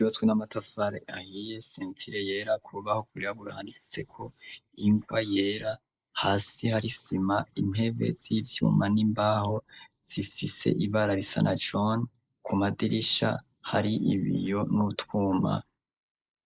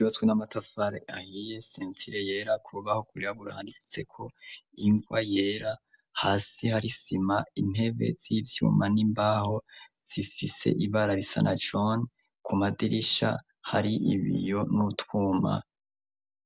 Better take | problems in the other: second | noise reduction (neural mask model Resemble Enhance denoiser)

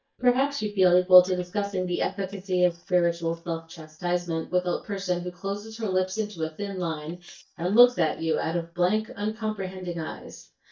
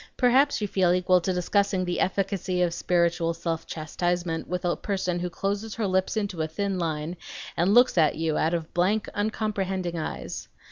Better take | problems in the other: second | noise reduction (neural mask model DeepFilterNet 3)

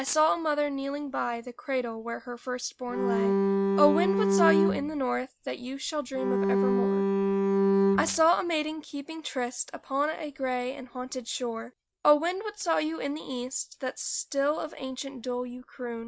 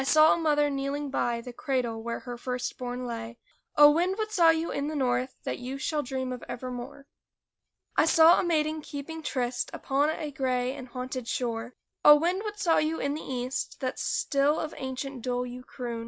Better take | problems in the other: second | background sound (Bowed string instrument); 5 dB above the speech

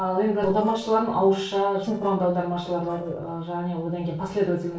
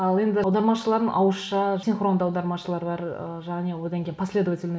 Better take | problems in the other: second | noise reduction (neural separator model SepFormer DNS4)

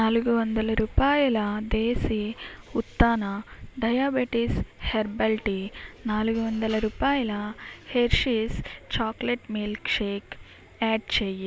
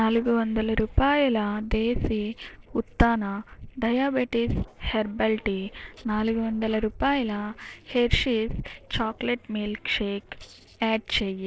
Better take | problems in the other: first | noise reduction (neural separator model SepFormer DNS4)

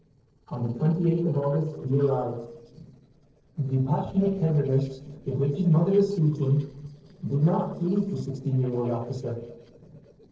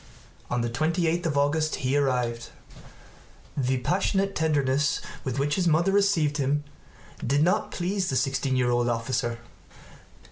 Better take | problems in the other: second | noise reduction (neural separator model SepFormer DNS4)

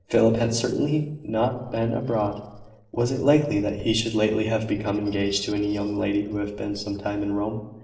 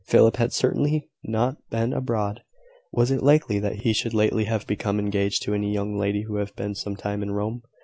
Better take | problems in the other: second | noise reduction (neural separator model SepFormer DNS4)

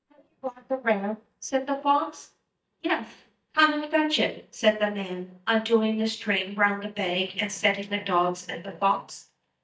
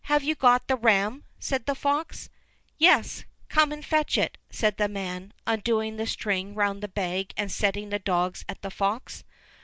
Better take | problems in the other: second | noise reduction (neural mask model DeepFilterNet 3)

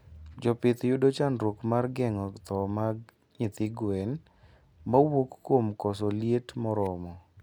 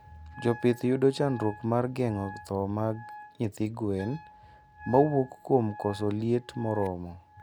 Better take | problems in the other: first | background sound (Wind instrument, woodwind instrument); 19 dB below the speech

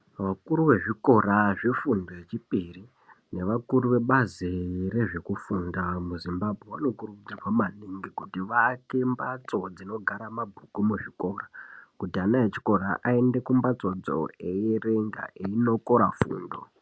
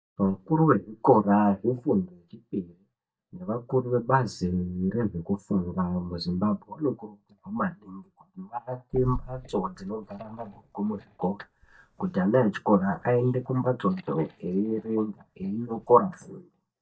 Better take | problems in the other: first | noise reduction (neural mask model DeepFilterNet 3)

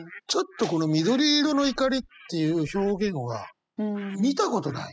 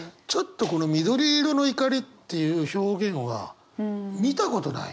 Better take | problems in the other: second | noise reduction (classical method spectral subtraction)

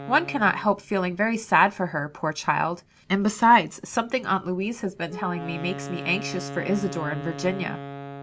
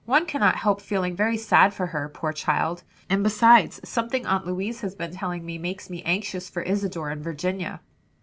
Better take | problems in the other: second | background sound (Wind instrument, woodwind instrument); 14 dB below the speech

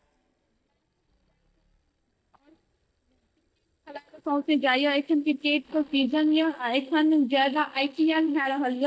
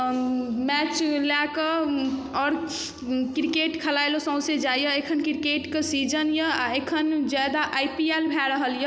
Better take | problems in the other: second | noise reduction (neural mask model DeepFilterNet 3)

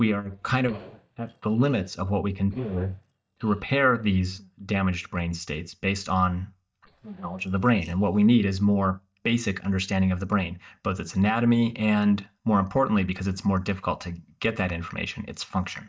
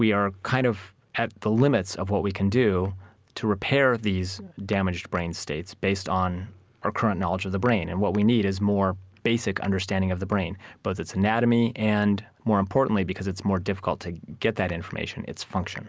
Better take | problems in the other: second | noise reduction (neural mask model DeepFilterNet 3)

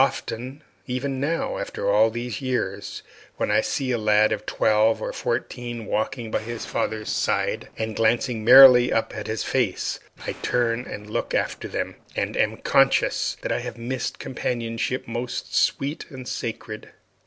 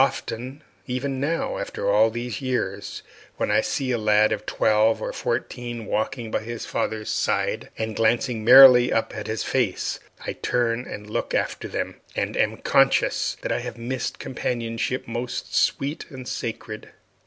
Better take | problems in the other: second | noise reduction (neural separator model SepFormer DNS4)

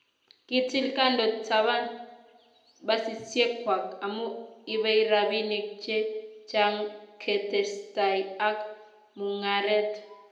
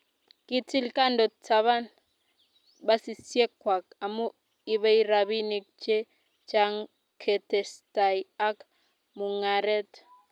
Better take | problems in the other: second | room echo; dies away in 0.7 s

